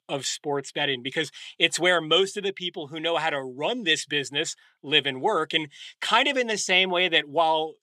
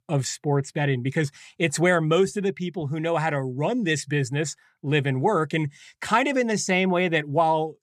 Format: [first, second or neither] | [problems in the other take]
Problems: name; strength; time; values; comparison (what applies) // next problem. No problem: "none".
second | thin; somewhat; fading below 350 Hz